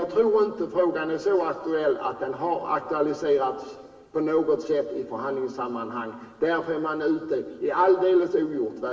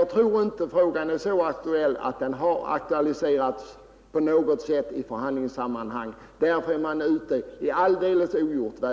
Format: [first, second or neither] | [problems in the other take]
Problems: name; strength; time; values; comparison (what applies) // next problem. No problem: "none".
second | room echo; dies away in 1.4 s